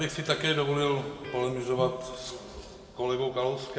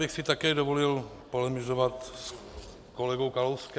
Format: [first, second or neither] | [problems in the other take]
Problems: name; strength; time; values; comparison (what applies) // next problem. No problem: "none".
second | background sound (Electric guitar); 14 dB below the speech // room echo; dies away in 1.8 s